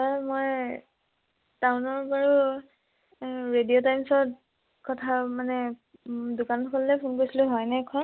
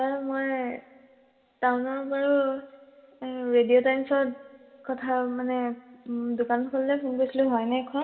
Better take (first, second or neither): first